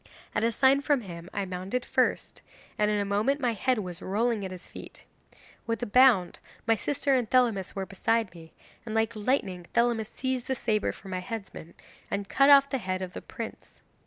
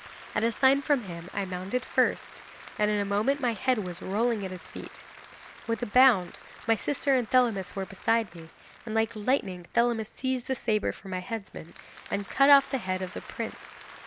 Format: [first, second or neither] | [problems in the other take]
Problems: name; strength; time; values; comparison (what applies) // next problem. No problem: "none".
first | background sound (Applause); 20 dB below the speech